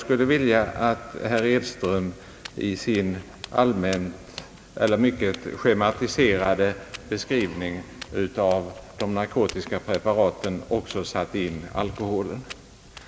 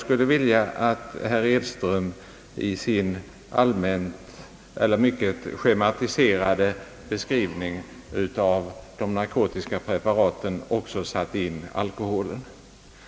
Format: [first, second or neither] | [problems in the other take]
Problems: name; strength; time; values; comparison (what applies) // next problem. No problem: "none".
second | background sound (Walk, footsteps); 19 dB below the speech